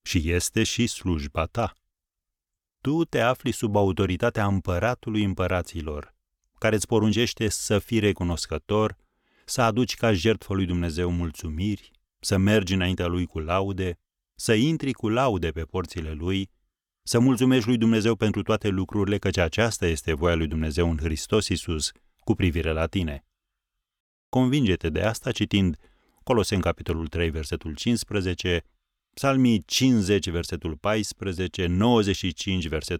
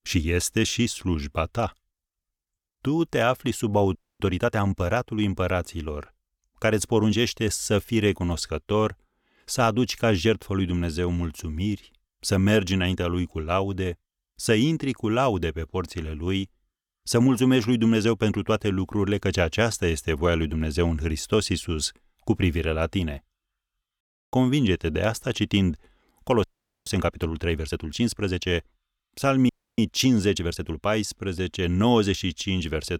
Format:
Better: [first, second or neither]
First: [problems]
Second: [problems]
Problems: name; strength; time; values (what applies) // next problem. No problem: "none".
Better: first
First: none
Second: audio freezing; at 4 s, at 26 s and at 29 s